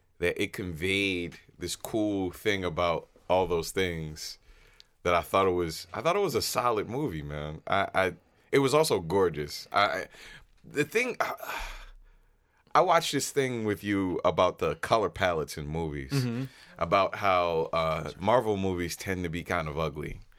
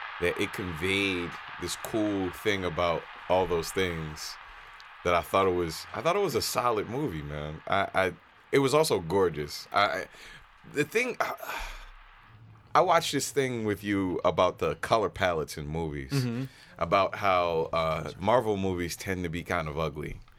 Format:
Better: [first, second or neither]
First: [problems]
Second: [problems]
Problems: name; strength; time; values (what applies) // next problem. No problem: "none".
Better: first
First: none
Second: rain or running water; noticeable; throughout; 15 dB below the speech